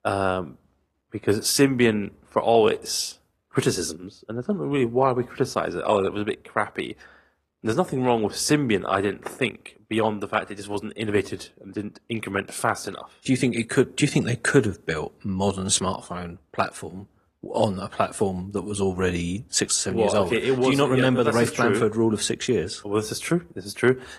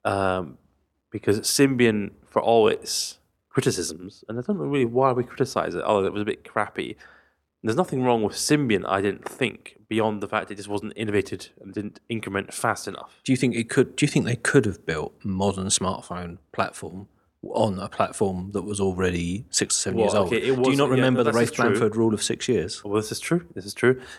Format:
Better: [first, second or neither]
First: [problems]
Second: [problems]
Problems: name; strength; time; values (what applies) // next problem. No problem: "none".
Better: second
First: garbled, watery; slightly; nothing above 12 kHz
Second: none